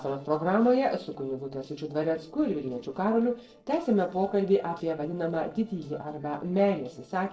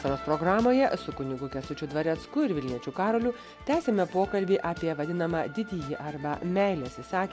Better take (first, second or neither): second